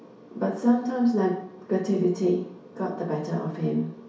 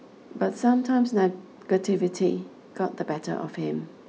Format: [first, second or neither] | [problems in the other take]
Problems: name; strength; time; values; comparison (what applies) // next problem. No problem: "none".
second | room echo; dies away in 0.6 s